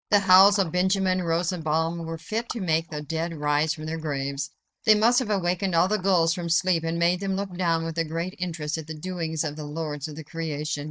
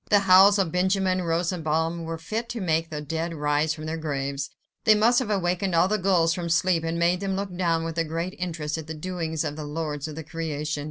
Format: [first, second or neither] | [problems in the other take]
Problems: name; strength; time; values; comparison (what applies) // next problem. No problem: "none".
second | noise reduction (neural mask model DeepFilterNet 3)